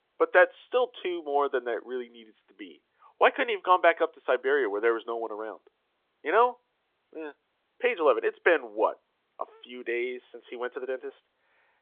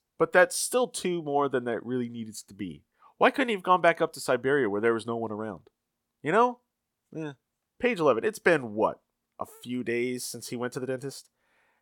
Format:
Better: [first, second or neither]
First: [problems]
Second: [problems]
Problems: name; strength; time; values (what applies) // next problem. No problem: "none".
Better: second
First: phone-call audio; nothing above 3.5 kHz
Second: none